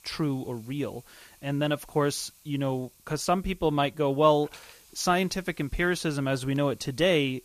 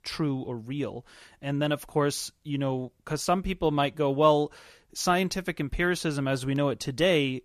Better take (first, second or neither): second